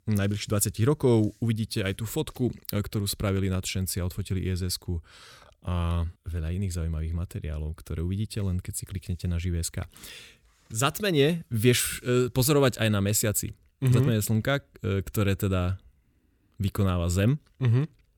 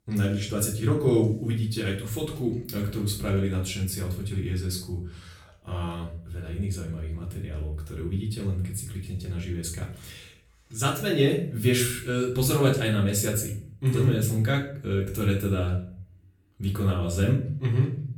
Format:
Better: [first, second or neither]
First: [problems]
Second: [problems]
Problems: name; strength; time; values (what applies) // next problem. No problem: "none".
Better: first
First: none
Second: off-mic speech; far // room echo; slight; dies away in 0.4 s